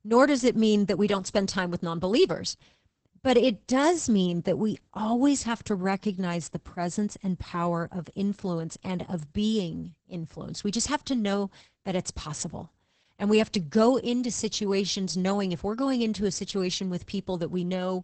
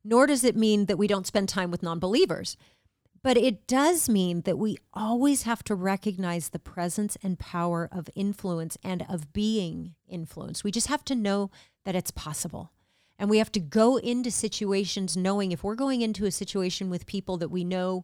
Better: second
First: garbled, watery; badly; nothing above 8 kHz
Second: none

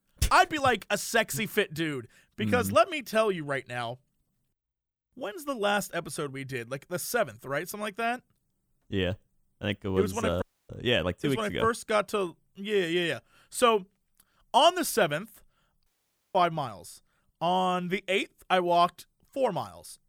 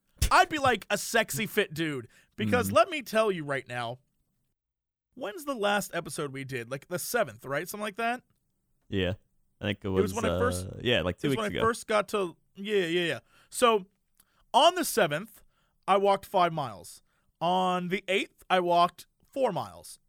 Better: second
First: audio cutting out; at 10 s and at 16 s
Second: none

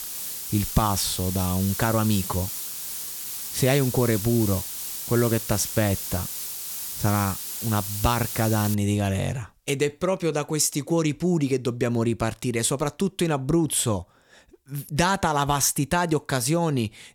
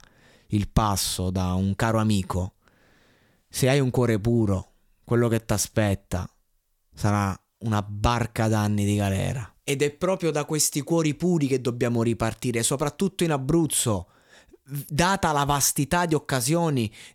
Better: second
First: hiss; loud; until 8.5 s; 6 dB below the speech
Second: none

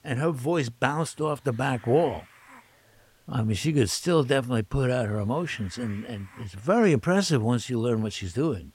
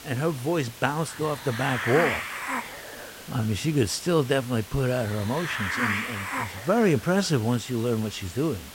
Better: first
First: hiss; faint; throughout; 25 dB below the speech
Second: hiss; loud; throughout; 7 dB below the speech

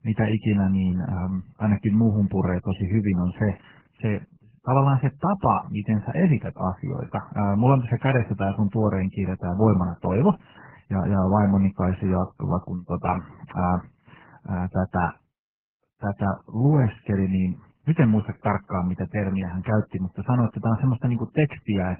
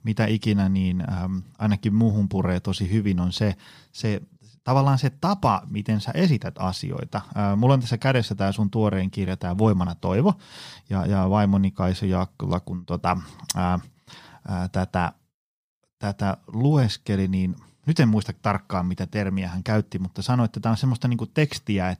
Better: second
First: garbled, watery; badly; nothing above 3 kHz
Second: none

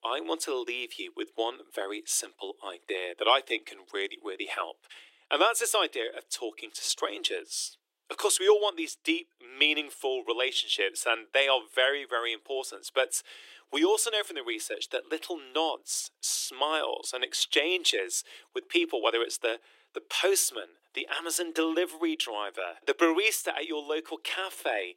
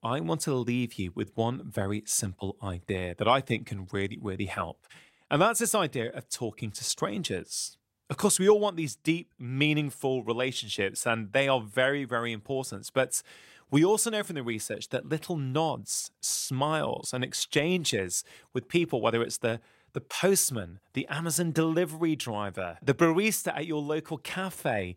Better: second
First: thin; very; fading below 300 Hz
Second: none

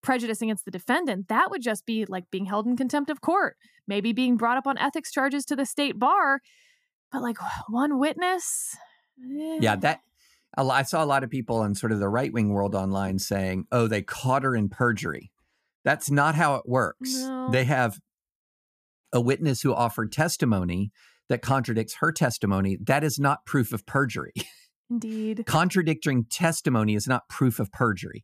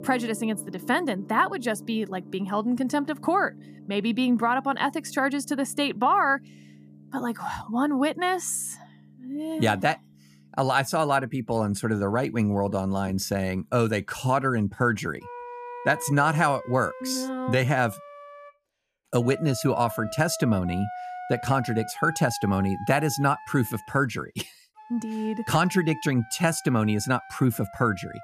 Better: first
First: none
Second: background music; noticeable; throughout; 15 dB below the speech

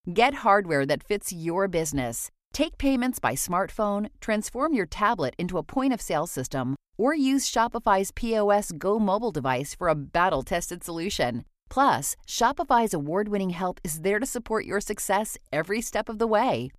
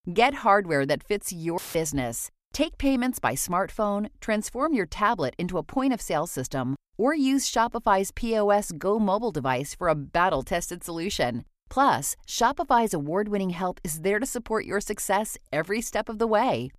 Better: first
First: none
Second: audio cutting out; filled with static; at 1.5 s

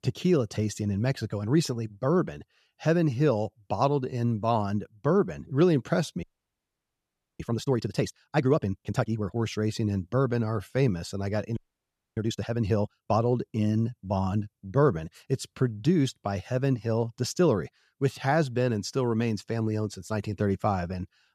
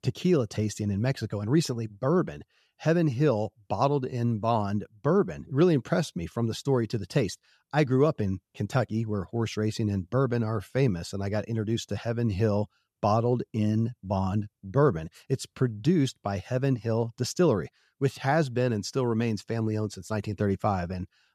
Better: second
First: audio freezing; at 6 s for 1 s and at 12 s for 0.5 s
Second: none

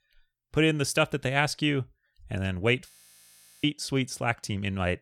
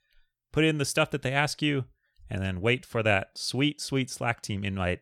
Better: second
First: audio freezing; at 3 s for 0.5 s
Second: none

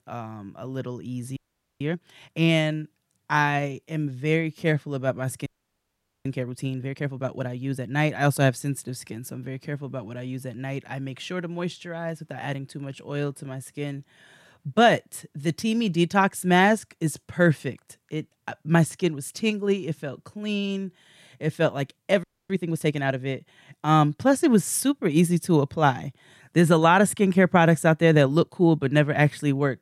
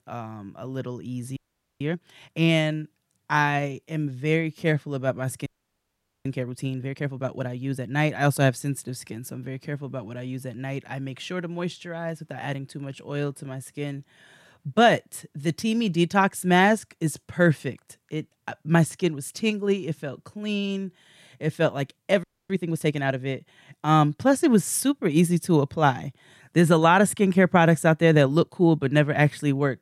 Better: neither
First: audio freezing; at 1.5 s, at 5.5 s for 1 s and at 22 s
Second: audio freezing; at 1.5 s, at 5.5 s for 1 s and at 22 s

